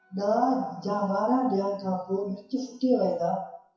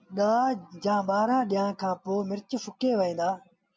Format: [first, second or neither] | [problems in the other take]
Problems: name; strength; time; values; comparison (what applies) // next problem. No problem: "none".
second | noise reduction (classical method WPE with log-MMSE)